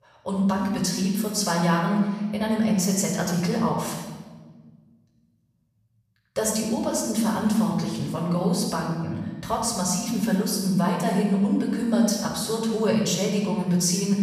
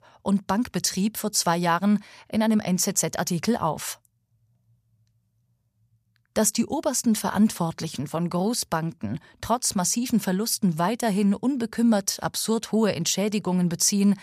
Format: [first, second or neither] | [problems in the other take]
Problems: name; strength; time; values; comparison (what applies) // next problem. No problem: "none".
second | off-mic speech; far // room echo; noticeable; dies away in 1.1 s